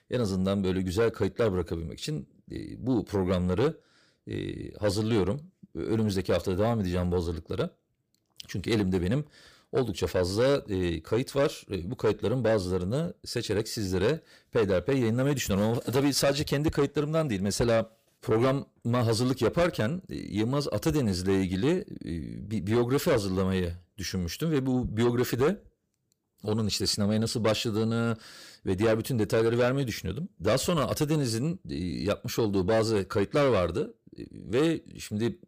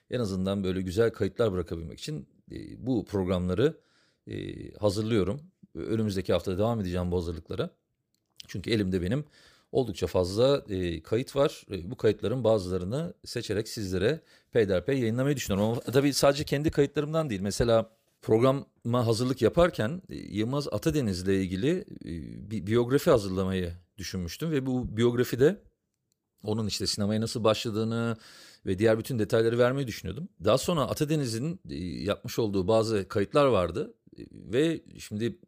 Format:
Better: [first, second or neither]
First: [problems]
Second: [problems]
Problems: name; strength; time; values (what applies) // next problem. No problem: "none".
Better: second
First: distortion; slight; 10 dB below the speech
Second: none